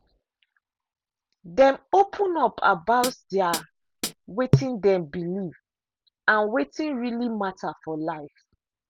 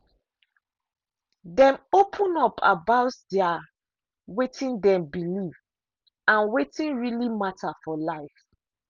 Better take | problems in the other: second | background sound (Hi-hat); 3 dB below the speech

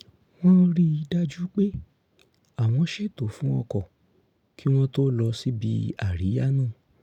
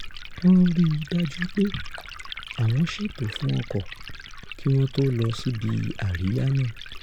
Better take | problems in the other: first | background sound (Liquid); 11 dB below the speech

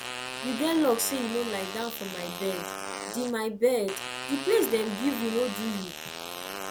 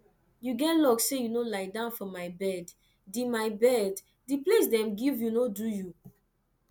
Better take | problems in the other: second | background sound (Fart); 8 dB below the speech

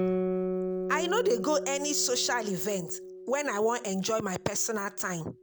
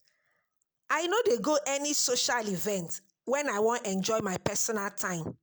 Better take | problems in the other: second | background sound (Guitar); 5 dB below the speech

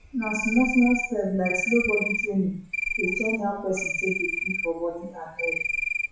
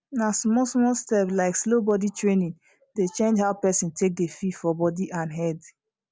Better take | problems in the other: second | noise reduction (classical method WPE with log-MMSE)

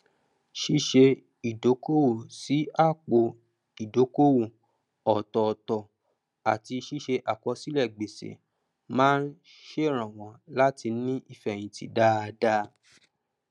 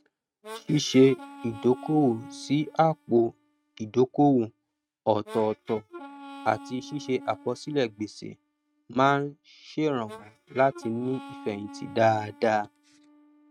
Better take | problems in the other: first | noise reduction (neural mask model RNNoise)

